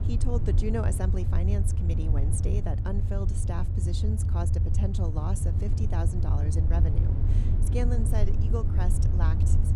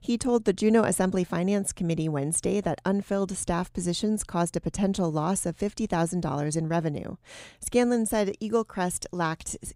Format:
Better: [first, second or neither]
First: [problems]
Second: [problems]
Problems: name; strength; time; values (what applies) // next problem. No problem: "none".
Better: second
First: low rumble; loud; throughout; 3 dB below the speech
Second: none